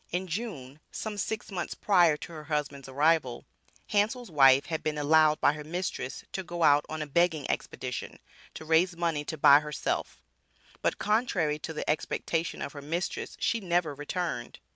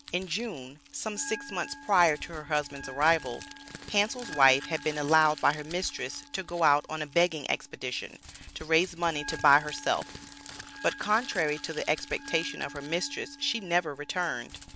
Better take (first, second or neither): first